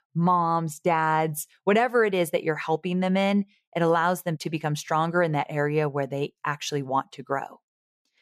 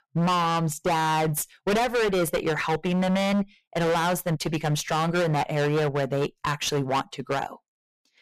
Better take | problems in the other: first | distortion; heavy; 26% of the sound clipped

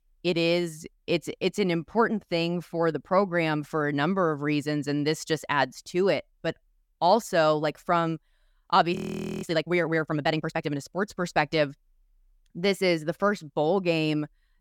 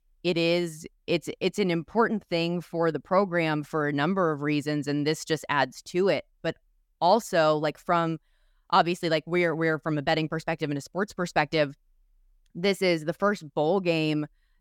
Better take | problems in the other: second | audio freezing; at 9 s

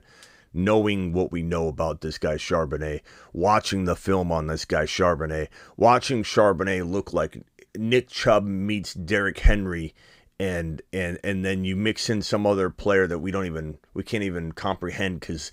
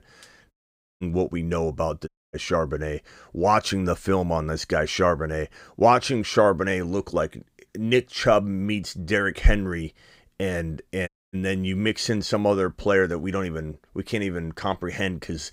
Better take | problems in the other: first | audio cutting out; at 0.5 s, at 2 s and at 11 s

